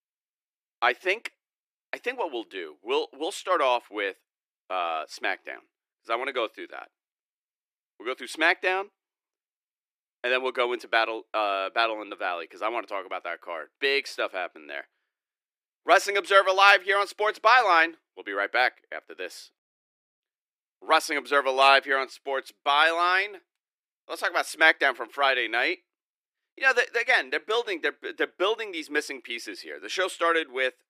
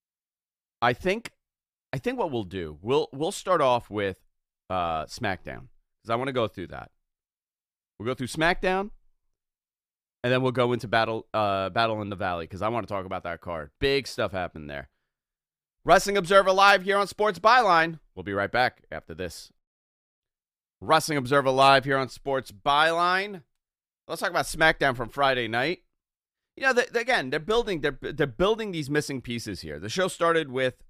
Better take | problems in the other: second | thin; somewhat; fading below 300 Hz

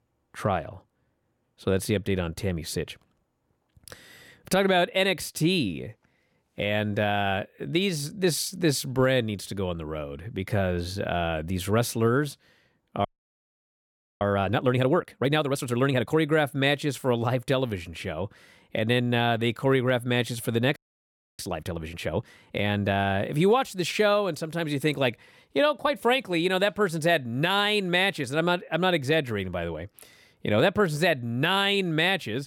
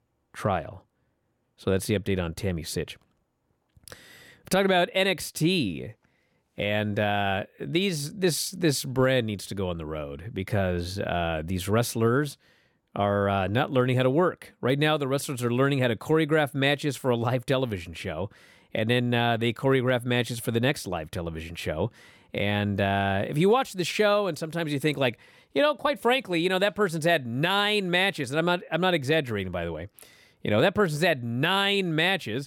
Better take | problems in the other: second | audio freezing; at 13 s for 1 s and at 21 s for 0.5 s

